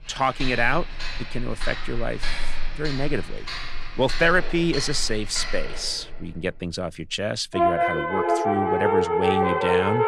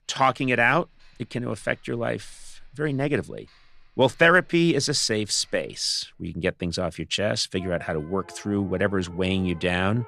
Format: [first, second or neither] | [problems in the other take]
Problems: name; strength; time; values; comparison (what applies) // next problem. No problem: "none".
second | background music; loud; throughout; 1 dB below the speech; faint in the second